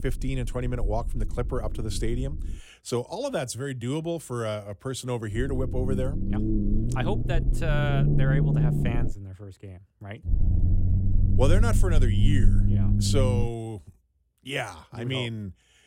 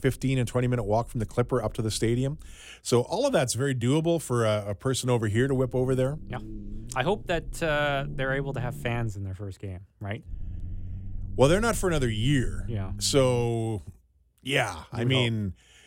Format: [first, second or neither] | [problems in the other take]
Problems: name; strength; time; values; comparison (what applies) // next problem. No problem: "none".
second | low rumble; loud; until 2.5 s, from 5.5 to 9 s and from 10 to 13 s; 4 dB below the speech; faint in the second